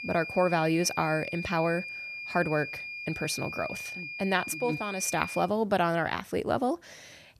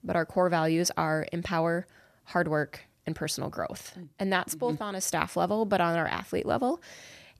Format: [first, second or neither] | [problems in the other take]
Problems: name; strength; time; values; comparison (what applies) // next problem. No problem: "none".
second | high-pitched whine; loud; until 5.5 s; 2.5 kHz, 7 dB below the speech